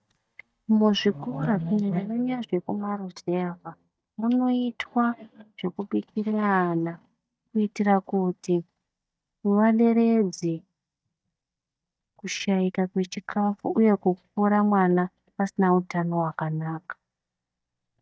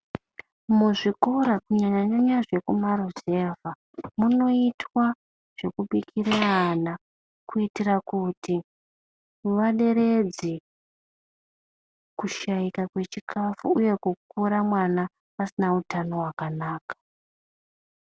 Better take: second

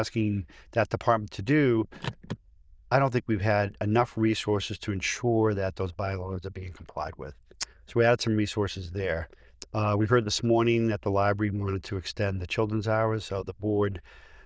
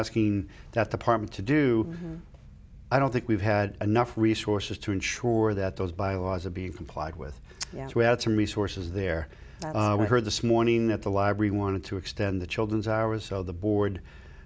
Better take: second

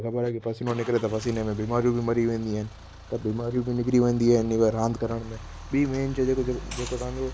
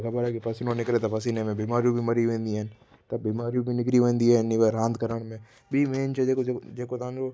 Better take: second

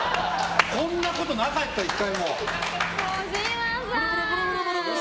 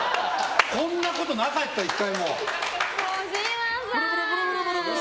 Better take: second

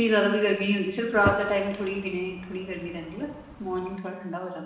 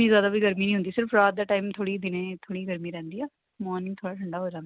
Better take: second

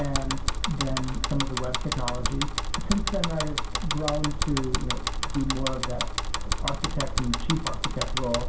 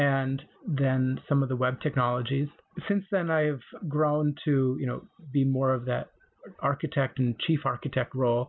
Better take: second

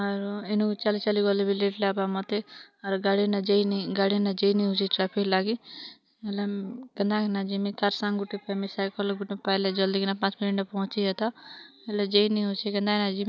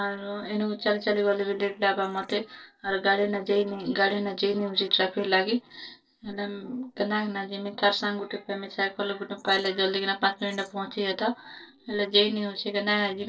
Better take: first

